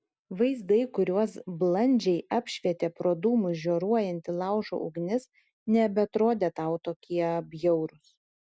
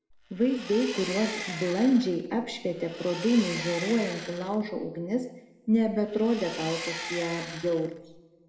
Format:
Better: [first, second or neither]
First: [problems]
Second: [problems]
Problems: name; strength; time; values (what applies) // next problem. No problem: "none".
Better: first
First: none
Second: background sound (Engine); 11 dB below the speech // room echo; dies away in 1 s